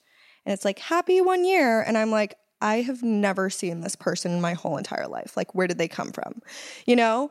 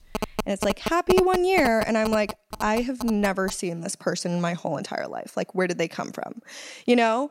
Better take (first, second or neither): first